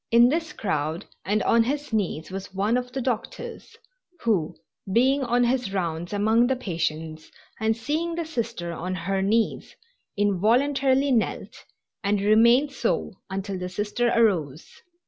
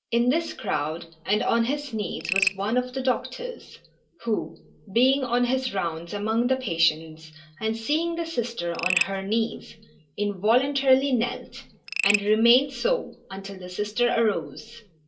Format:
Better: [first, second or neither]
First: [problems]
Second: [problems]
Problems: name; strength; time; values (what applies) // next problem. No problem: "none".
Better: first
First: none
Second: background sound (Frog); 7 dB below the speech // room echo; dies away in 0.2 s